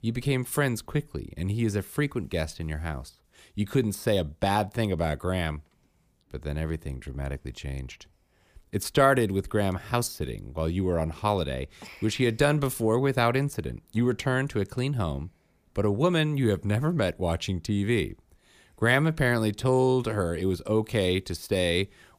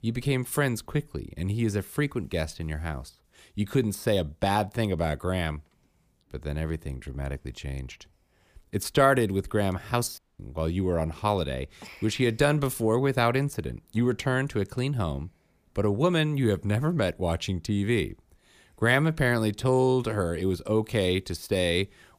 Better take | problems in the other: first | audio cutting out; at 10 s

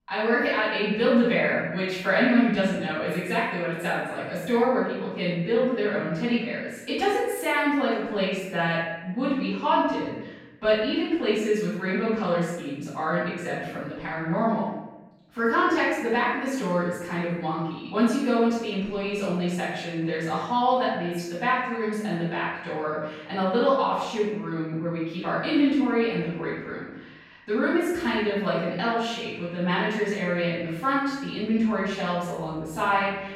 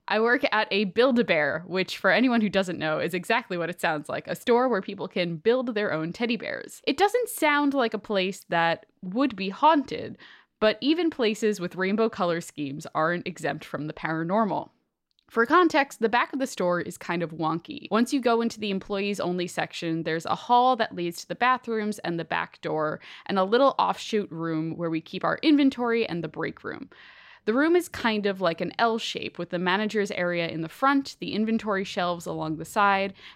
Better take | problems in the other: second | off-mic speech; far // room echo; strong; dies away in 0.9 s

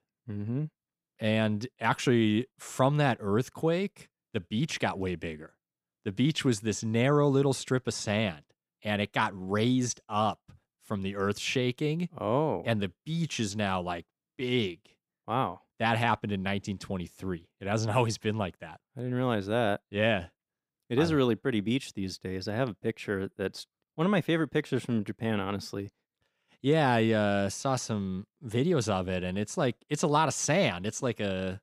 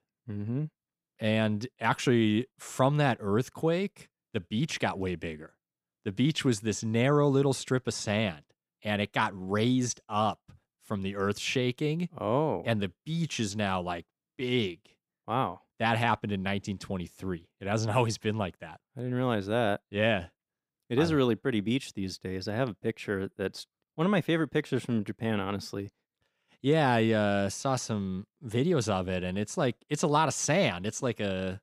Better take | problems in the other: neither | none

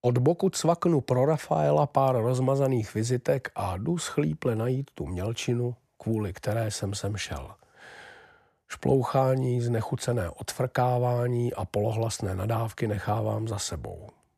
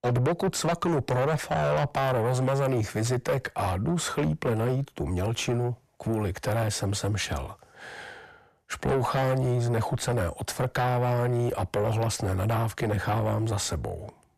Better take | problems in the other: first | distortion; heavy; 6 dB below the speech

